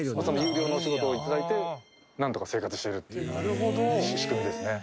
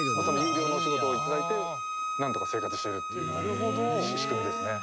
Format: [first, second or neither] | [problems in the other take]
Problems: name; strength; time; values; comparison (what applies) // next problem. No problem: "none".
first | background sound (Bowed string instrument); 1 dB below the speech